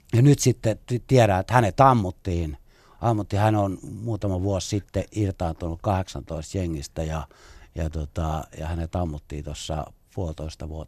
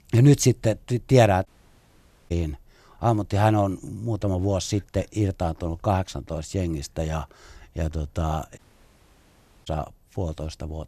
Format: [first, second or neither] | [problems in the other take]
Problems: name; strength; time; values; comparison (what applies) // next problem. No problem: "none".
first | audio cutting out; at 1.5 s for 1 s and at 8.5 s for 1 s